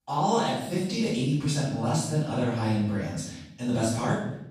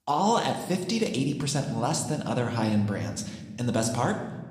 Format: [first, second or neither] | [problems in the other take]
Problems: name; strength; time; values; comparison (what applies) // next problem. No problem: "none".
second | room echo; strong; dies away in 0.8 s; slight in the second // off-mic speech; far